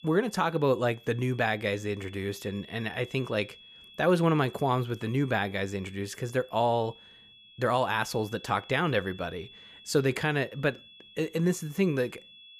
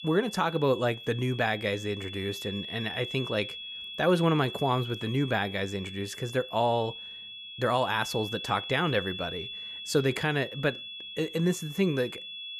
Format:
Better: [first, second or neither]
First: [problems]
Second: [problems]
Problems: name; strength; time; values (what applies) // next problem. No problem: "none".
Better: first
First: high-pitched whine; faint; throughout; 3.5 kHz, 20 dB below the speech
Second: high-pitched whine; loud; throughout; 3.5 kHz, 9 dB below the speech